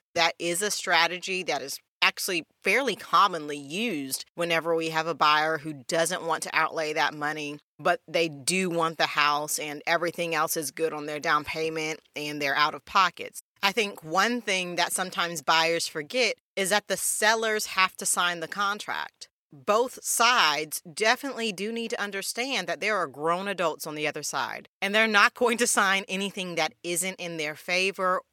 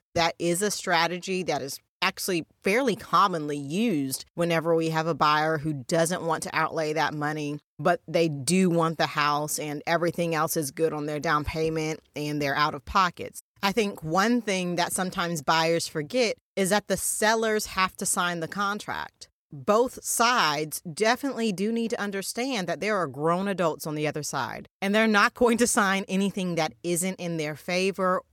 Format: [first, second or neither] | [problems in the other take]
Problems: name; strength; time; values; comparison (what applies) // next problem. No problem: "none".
second | thin; very slightly; fading below 500 Hz